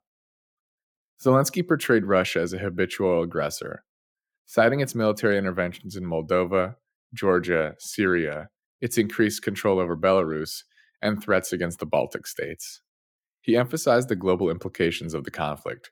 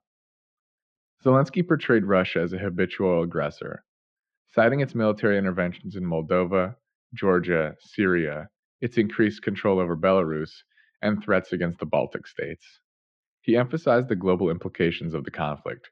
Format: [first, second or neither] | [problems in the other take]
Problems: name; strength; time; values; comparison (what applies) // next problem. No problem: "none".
first | muffled; slightly; fading above 3.5 kHz